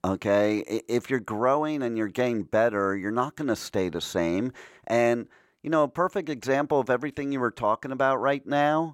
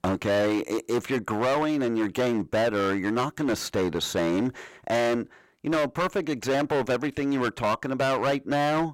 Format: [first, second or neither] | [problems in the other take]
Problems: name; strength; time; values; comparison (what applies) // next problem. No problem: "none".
first | distortion; heavy; 19% of the sound clipped